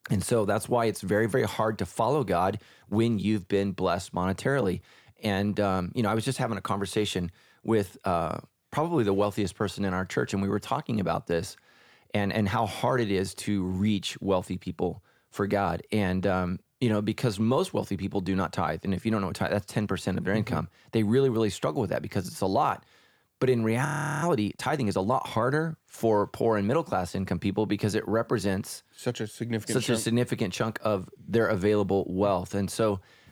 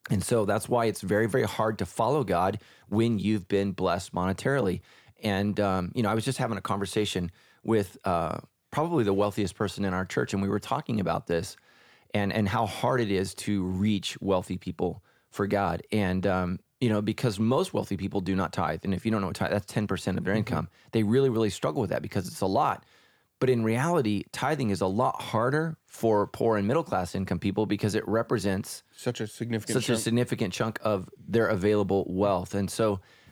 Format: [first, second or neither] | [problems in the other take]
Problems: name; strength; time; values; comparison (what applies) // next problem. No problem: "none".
second | audio freezing; at 24 s